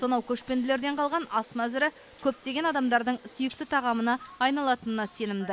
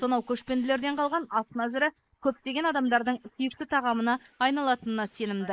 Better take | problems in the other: first | noise reduction (neural mask model Resemble Enhance denoiser)

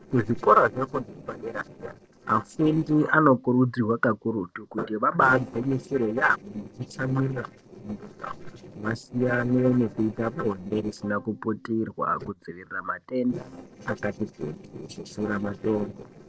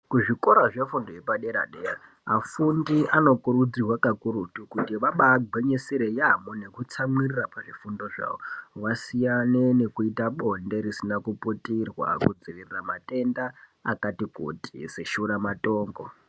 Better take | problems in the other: second | noise reduction (neural separator model SepFormer DNS4)

